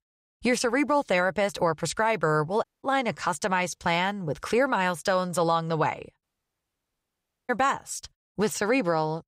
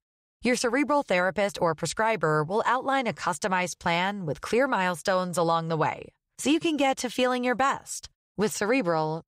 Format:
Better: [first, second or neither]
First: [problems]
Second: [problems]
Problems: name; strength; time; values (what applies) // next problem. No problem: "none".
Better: second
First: audio cutting out; at 2.5 s and at 6 s for 1.5 s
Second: none